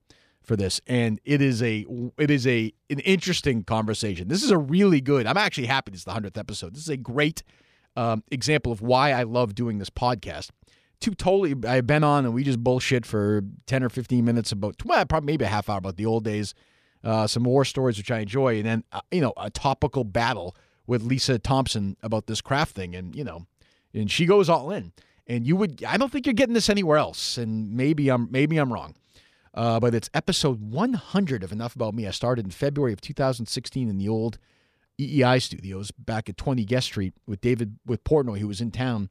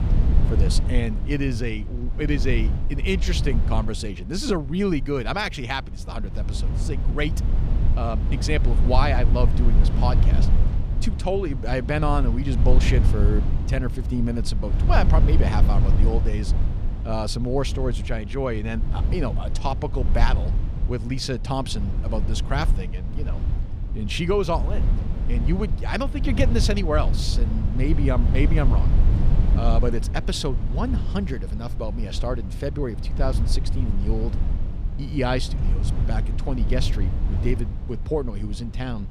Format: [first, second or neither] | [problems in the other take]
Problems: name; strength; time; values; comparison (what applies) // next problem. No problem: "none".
first | low rumble; loud; throughout; 10 dB below the speech